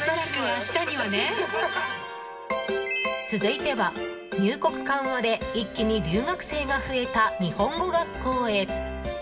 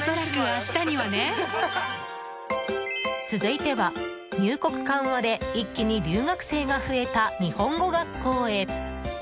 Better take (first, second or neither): second